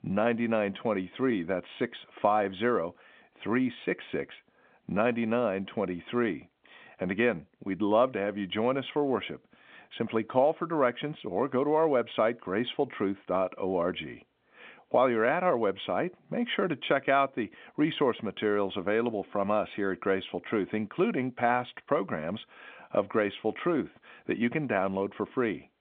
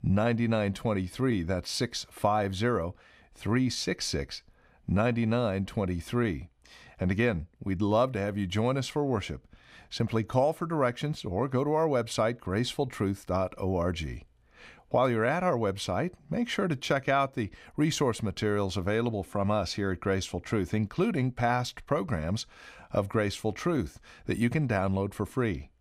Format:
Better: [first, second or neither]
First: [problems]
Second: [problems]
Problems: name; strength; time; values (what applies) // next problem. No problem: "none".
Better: second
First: phone-call audio; nothing above 3.5 kHz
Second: none